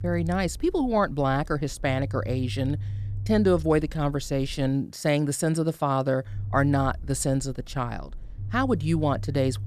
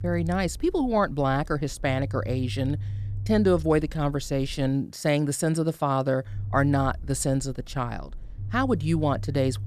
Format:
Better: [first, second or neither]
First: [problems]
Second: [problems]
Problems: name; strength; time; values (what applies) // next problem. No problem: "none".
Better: neither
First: low rumble; faint; until 4.5 s and from 6.5 s on; 20 dB below the speech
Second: low rumble; faint; until 4.5 s and from 6.5 s on; 20 dB below the speech